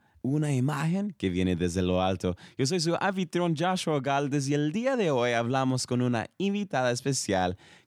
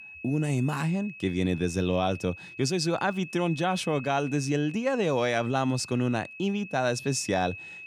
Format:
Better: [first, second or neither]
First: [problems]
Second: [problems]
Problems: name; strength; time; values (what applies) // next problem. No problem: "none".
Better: first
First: none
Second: high-pitched whine; noticeable; throughout; 2.5 kHz, 15 dB below the speech